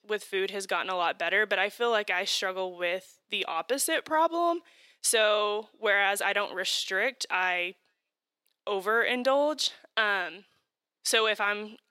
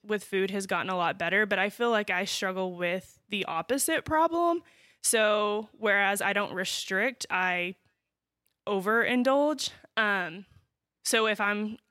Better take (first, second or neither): second